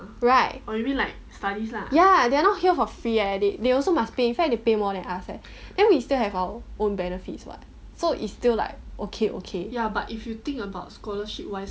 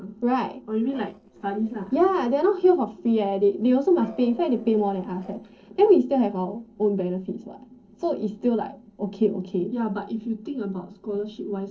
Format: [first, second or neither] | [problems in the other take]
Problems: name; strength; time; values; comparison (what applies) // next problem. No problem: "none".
first | noise reduction (neural separator model SepFormer DNS4)